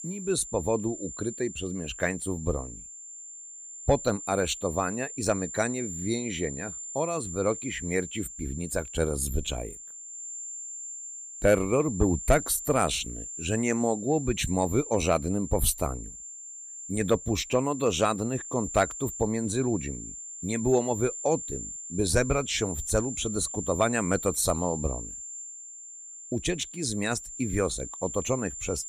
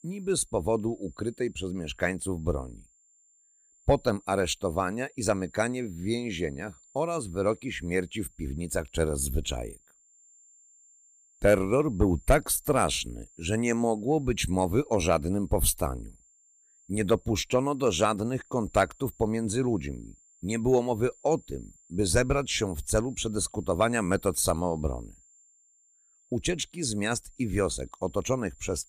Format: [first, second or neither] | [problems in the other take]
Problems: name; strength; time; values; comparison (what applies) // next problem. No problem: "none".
second | high-pitched whine; loud; throughout; 7.5 kHz, 9 dB below the speech; faint in the second